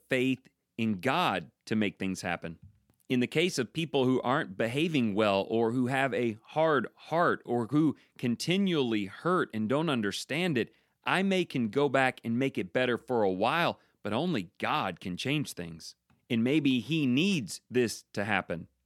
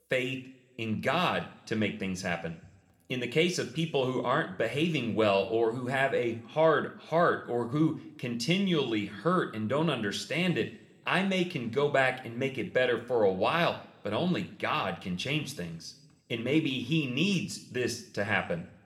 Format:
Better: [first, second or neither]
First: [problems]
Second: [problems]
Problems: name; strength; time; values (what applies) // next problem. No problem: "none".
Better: first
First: none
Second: room echo; slight; dies away in 0.6 s